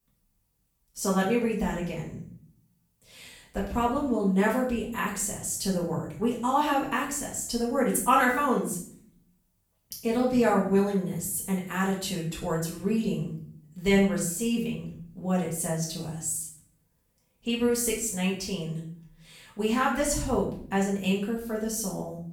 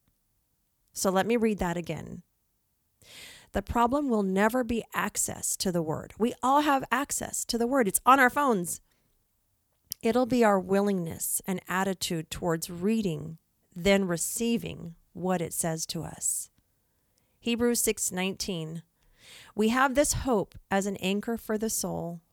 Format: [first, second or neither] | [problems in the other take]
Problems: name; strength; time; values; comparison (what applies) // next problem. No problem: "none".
second | room echo; noticeable; dies away in 0.5 s // off-mic speech; far